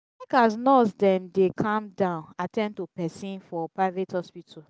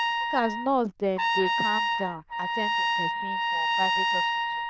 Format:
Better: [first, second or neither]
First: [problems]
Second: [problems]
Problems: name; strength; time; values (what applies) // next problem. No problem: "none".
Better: first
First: none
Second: noise reduction (neural diffusion model UNIVERSE++)